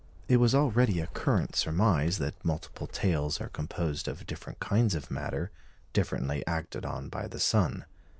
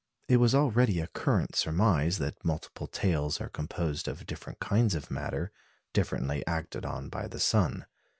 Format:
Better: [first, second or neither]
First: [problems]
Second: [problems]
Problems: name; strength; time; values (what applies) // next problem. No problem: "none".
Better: second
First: background sound (Bird); 17 dB below the speech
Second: none